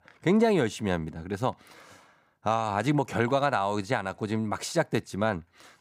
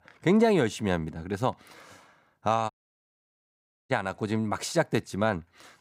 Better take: first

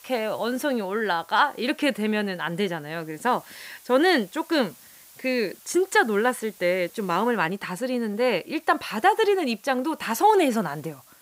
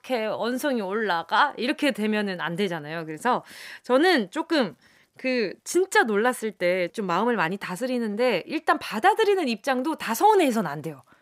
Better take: second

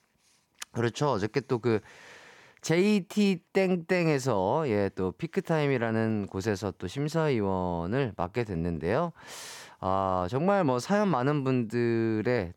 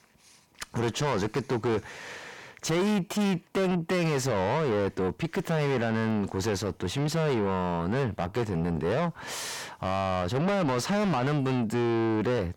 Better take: first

